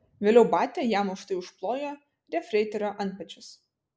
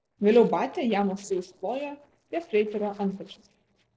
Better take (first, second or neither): first